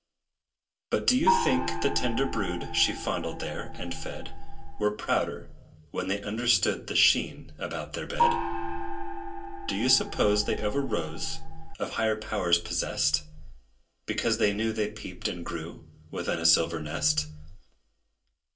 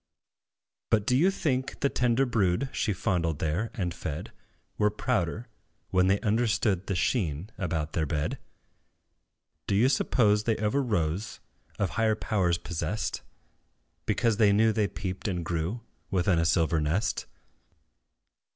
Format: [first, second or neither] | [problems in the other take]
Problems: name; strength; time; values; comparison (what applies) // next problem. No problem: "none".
second | background sound (Gong); as loud as the speech // room echo; dies away in 0.2 s